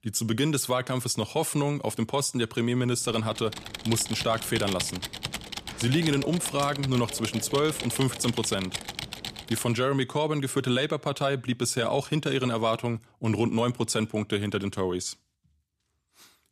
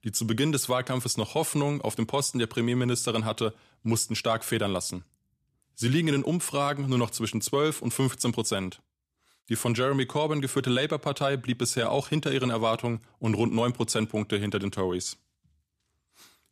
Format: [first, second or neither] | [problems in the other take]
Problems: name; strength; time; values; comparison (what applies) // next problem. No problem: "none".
second | keyboard typing; noticeable; from 3 to 9.5 s; peak 4 dB below the speech